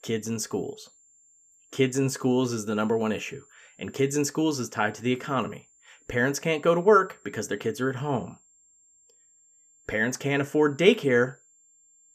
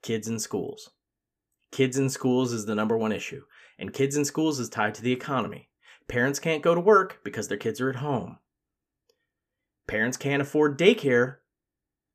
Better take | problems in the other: second | high-pitched whine; faint; throughout; 7.5 kHz, 30 dB below the speech

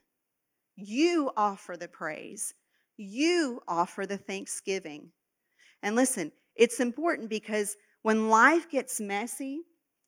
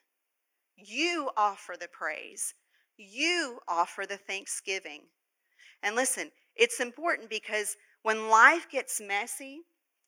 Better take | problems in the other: first | thin; somewhat; fading below 550 Hz

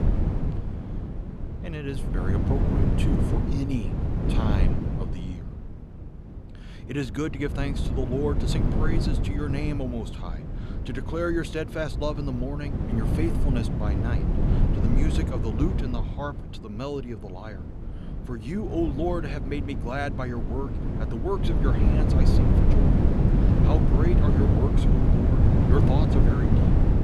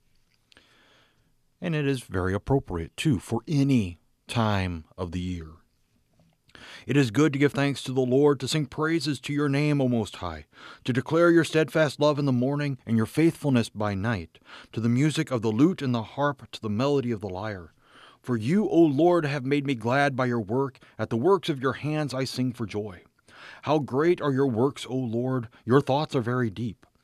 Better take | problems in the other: second | wind noise on the microphone; heavy; as loud as the speech

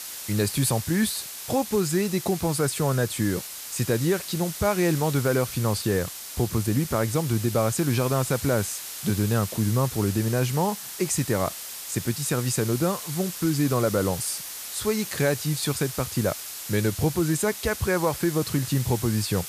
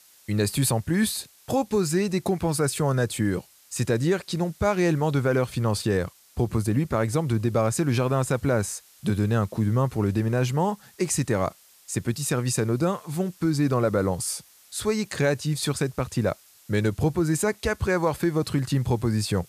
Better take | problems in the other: second | hiss; loud; throughout; 8 dB below the speech; faint in the second

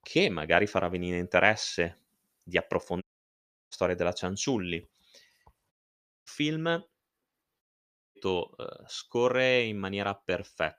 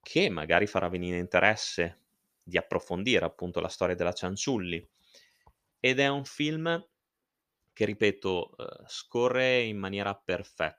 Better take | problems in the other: second | audio cutting out; at 3 s for 0.5 s, at 5.5 s for 0.5 s and at 7.5 s for 0.5 s

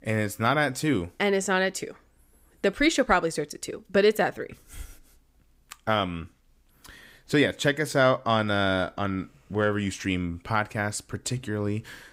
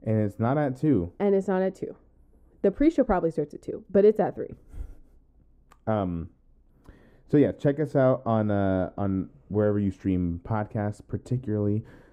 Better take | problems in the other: first | muffled; very; fading above 1.5 kHz

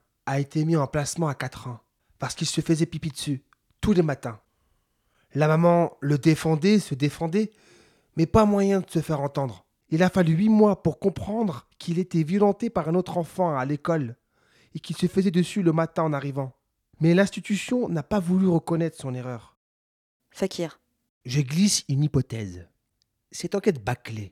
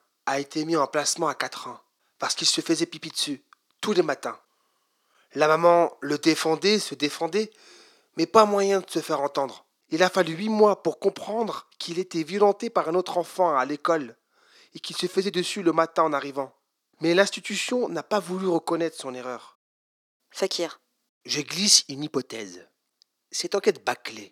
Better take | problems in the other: first | thin; somewhat; fading below 300 Hz

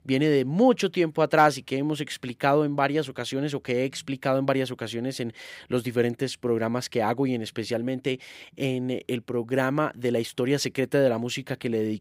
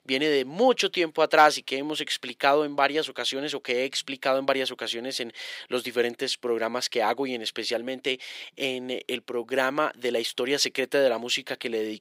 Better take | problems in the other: first | thin; somewhat; fading below 400 Hz

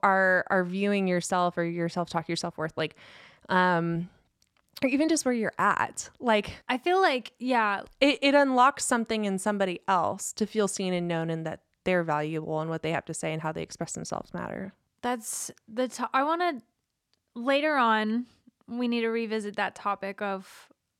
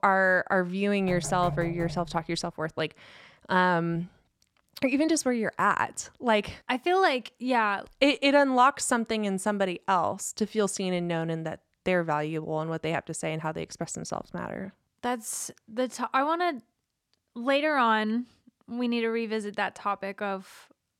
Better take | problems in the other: first | door banging; noticeable; from 1 to 2 s; peak 8 dB below the speech

